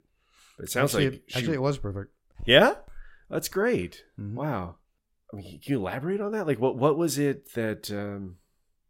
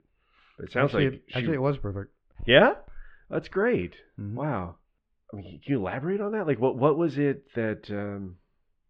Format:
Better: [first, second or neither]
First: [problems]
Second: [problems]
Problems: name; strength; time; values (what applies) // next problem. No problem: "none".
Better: first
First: none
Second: muffled; very; fading above 3 kHz